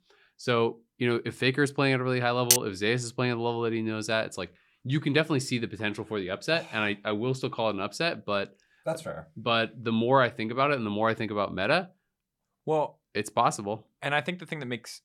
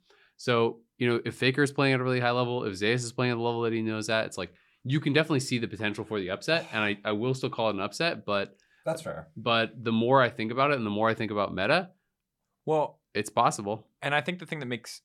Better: second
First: clattering dishes; loud; at 2.5 s; peak 5 dB above the speech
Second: none

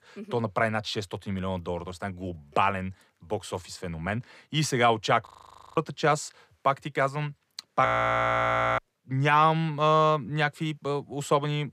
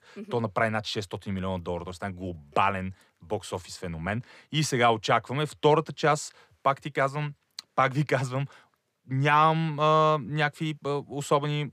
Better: second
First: audio freezing; at 5.5 s for 0.5 s and at 8 s for 1 s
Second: none

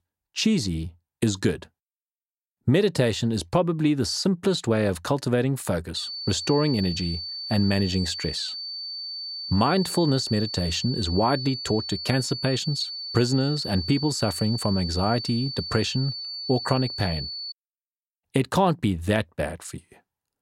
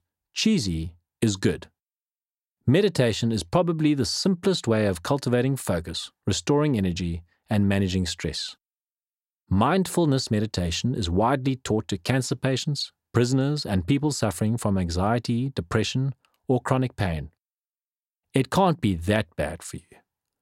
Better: second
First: high-pitched whine; loud; from 6 to 18 s; 4.5 kHz, 6 dB below the speech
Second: none

